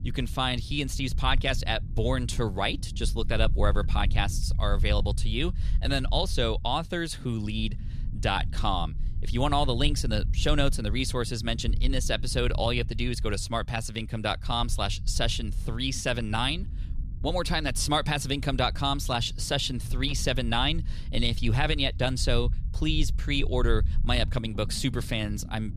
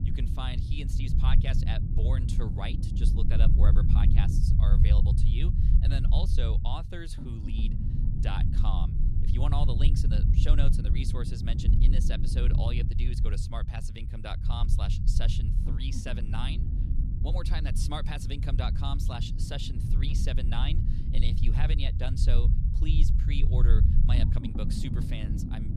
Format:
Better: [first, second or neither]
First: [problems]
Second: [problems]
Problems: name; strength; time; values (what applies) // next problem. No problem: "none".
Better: first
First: low rumble; faint; throughout; 20 dB below the speech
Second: low rumble; loud; throughout; 3 dB below the speech